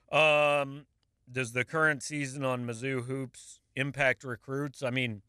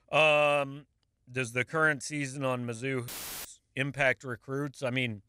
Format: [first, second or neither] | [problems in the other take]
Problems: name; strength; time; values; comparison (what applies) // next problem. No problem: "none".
first | audio cutting out; filled with static; at 3 s